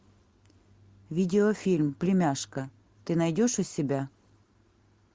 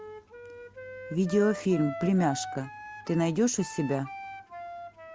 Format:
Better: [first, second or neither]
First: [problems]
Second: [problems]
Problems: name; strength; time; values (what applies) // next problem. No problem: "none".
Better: first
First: none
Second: background sound (Wind instrument, woodwind instrument); 12 dB below the speech